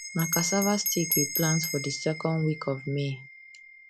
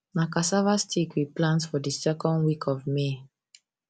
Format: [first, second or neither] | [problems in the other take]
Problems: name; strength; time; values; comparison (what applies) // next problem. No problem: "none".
second | background sound (Bell); 4 dB below the speech